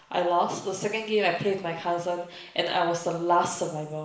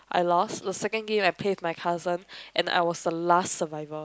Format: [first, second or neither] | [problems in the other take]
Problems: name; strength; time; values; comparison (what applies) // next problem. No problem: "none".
second | room echo; dies away in 0.8 s